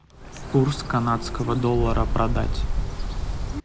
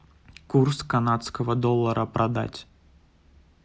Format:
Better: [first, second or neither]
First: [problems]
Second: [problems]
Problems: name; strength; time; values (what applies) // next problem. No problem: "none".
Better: second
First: background sound (Bird); 1 dB below the speech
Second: none